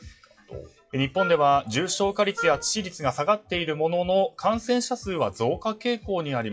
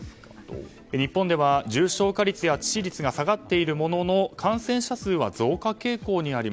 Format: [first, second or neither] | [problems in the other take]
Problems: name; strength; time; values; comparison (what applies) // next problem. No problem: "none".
second | noise reduction (classical method WPE with log-MMSE)